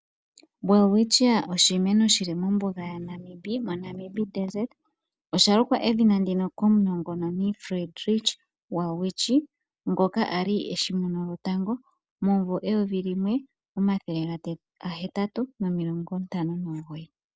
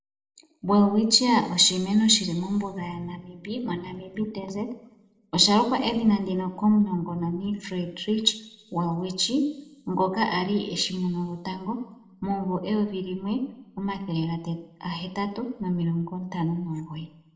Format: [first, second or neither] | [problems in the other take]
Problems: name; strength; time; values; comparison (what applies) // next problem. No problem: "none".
first | room echo; dies away in 0.7 s